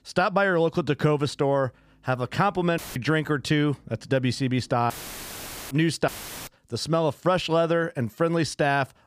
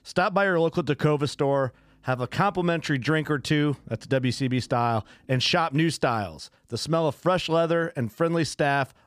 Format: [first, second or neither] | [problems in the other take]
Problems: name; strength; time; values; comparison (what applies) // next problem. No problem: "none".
second | audio cutting out; filled with static; at 3 s, at 5 s for 1 s and at 6 s